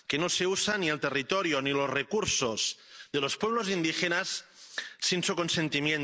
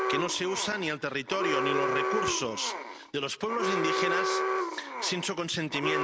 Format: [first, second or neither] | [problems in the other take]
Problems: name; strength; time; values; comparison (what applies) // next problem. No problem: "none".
first | background sound (Alarm); 1 dB above the speech